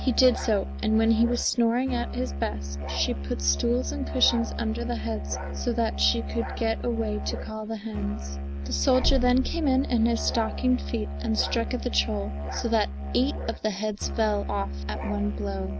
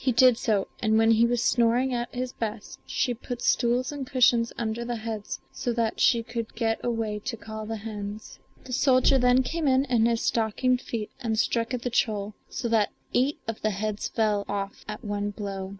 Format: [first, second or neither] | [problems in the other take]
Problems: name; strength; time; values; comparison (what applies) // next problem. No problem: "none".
second | background sound (Musical instrument); 5 dB below the speech